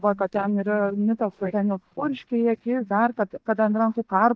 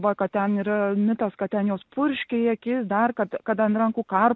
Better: second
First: noise reduction (neural mask model DeepFilterNet 3)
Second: none

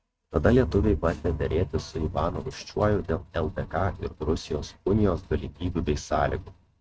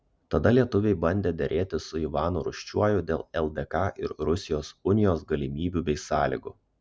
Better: second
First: noise reduction (neural mask model RNNoise)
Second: none

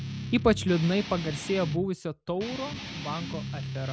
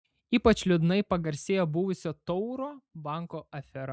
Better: second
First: background sound (Guitar); 8 dB below the speech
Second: none

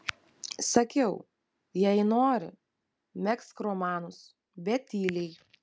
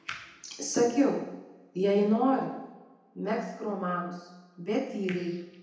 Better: first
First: none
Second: room echo; dies away in 0.9 s

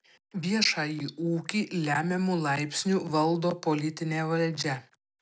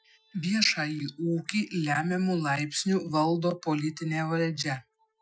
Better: first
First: none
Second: noise reduction (classical method Wiener filter)

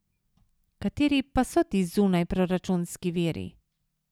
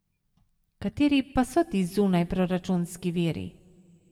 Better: first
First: none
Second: room echo; dies away in 1.5 s

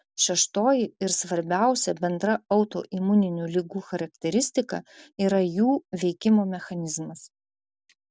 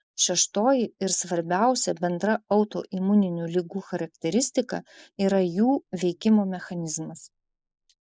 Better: first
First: none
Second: noise reduction (neural mask model Resemble Enhance denoiser)

